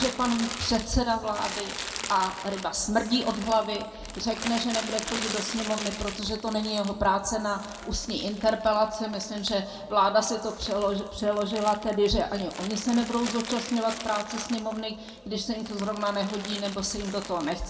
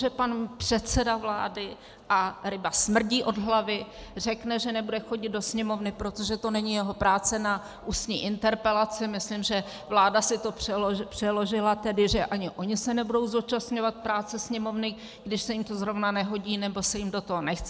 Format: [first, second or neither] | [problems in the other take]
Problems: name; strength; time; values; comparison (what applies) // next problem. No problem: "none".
second | background sound (Crumpling, crinkling); 11 dB below the speech // room echo; dies away in 1.2 s